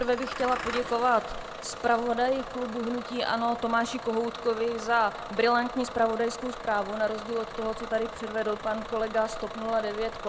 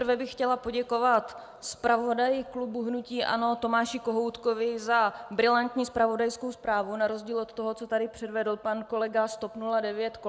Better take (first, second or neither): second